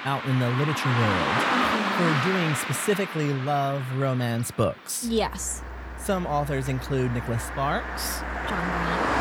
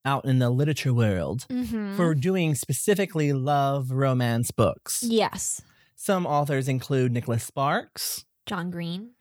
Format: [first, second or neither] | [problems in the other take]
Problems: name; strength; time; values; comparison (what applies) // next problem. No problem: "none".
second | traffic noise; loud; throughout; 1 dB below the speech